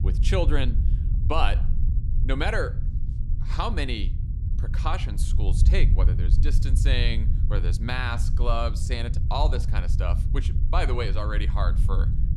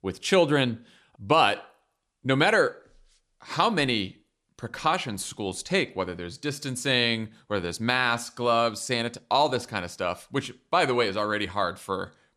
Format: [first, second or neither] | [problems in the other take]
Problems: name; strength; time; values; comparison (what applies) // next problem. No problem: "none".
second | low rumble; noticeable; throughout; 10 dB below the speech